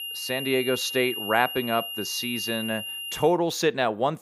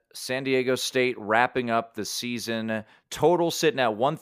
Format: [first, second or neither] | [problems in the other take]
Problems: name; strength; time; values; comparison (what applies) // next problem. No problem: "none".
second | high-pitched whine; loud; until 3 s; 3 kHz, 5 dB below the speech